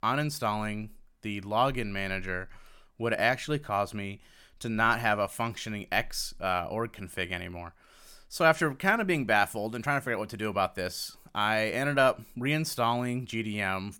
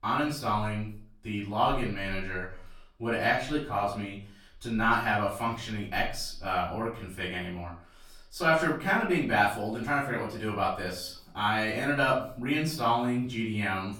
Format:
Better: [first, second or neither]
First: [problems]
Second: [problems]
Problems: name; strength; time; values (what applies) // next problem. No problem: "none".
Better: first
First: none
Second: room echo; slight; dies away in 0.4 s // off-mic speech; far